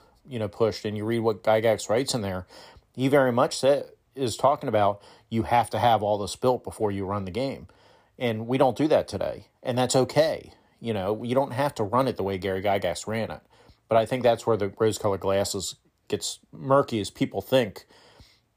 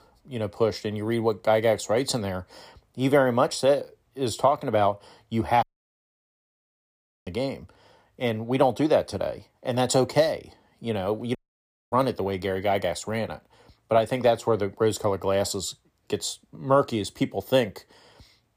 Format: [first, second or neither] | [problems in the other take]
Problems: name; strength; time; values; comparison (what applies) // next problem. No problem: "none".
first | audio cutting out; at 5.5 s for 1.5 s and at 11 s for 0.5 s